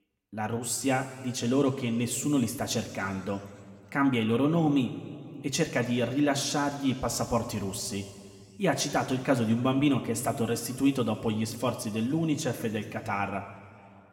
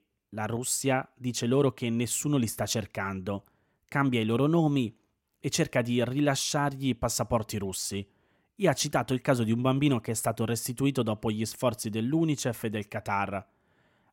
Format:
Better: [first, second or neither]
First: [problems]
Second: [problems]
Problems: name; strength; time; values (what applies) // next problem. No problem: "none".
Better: second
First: room echo; slight; dies away in 2 s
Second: none